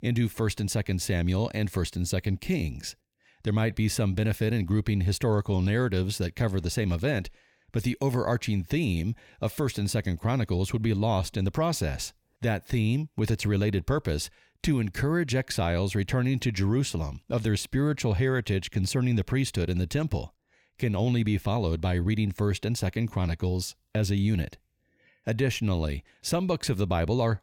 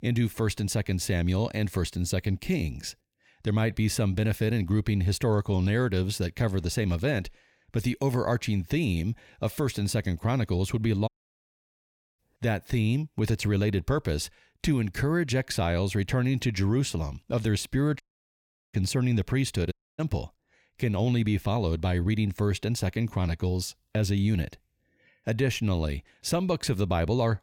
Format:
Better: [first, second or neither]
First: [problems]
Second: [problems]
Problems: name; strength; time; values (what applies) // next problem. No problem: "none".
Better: first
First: none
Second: audio cutting out; at 11 s for 1 s, at 18 s for 0.5 s and at 20 s